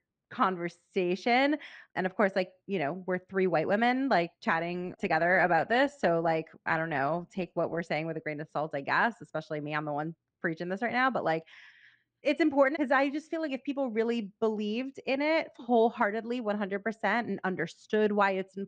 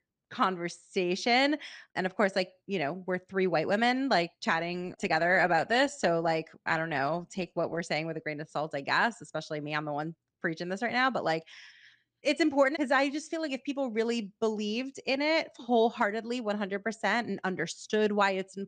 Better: second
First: muffled; slightly; fading above 3.5 kHz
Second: none

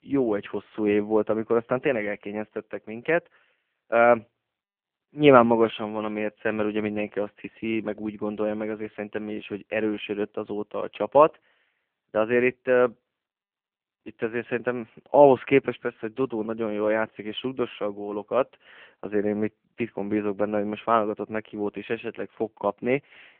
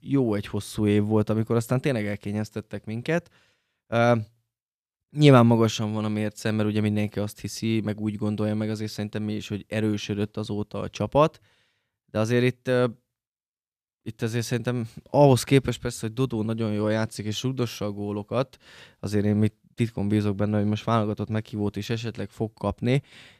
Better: second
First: phone-call audio; poor line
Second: none

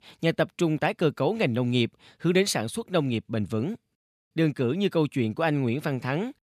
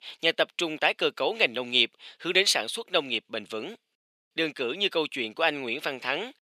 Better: first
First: none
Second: thin; very; fading below 500 Hz

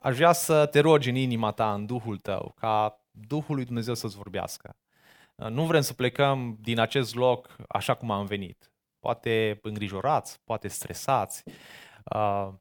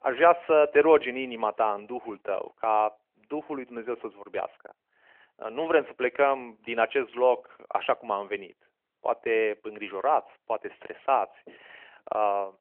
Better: first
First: none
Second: phone-call audio

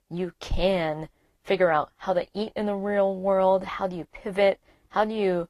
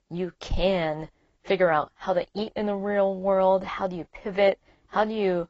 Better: first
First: garbled, watery; slightly; nothing above 15 kHz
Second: garbled, watery; badly; nothing above 7.5 kHz

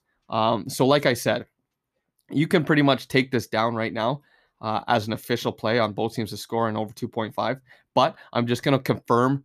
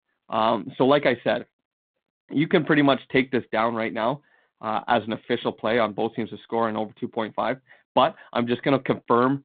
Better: first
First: none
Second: phone-call audio; nothing above 3.5 kHz

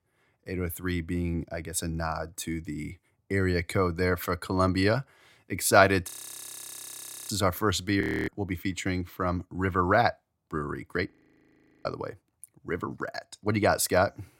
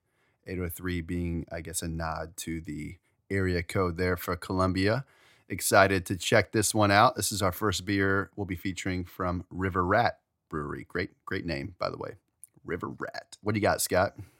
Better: second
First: audio freezing; at 6 s for 1 s, at 8 s and at 11 s for 0.5 s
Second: none

